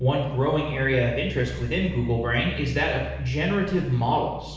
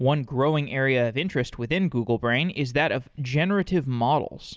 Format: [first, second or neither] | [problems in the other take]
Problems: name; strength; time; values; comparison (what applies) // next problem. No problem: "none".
second | background sound (Engine); 13 dB below the speech // room echo; dies away in 0.9 s